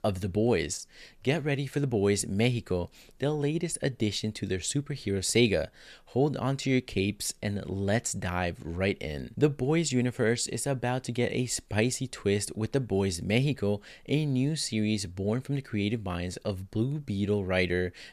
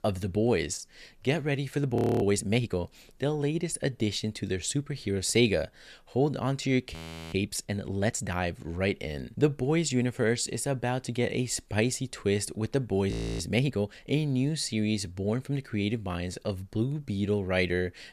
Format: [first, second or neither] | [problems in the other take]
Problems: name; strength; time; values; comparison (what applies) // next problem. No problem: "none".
first | audio freezing; at 2 s, at 7 s and at 13 s